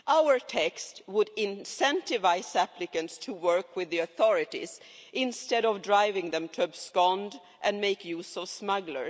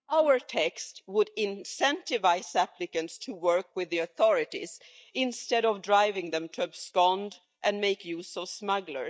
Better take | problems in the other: first | noise reduction (neural mask model DeepFilterNet 3)

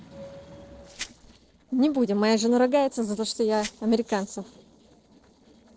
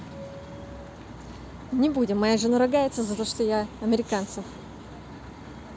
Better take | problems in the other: second | noise reduction (neural separator model SepFormer DNS4)

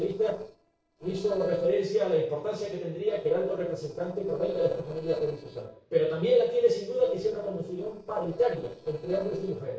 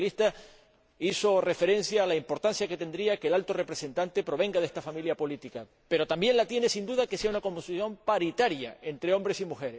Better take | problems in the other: second | noise reduction (neural separator model SepFormer DNS4)

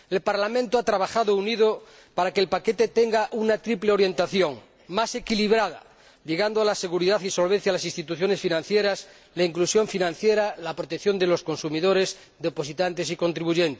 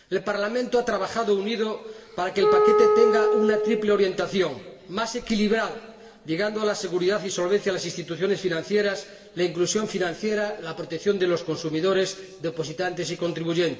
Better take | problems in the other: first | background sound (Wind instrument, woodwind instrument); 3 dB above the speech // room echo; dies away in 1.5 s

